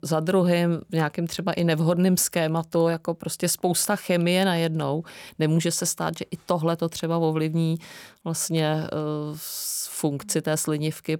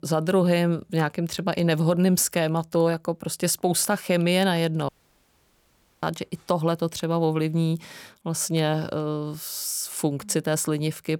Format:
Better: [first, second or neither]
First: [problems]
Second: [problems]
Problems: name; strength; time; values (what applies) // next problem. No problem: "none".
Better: first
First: none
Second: audio cutting out; at 5 s for 1 s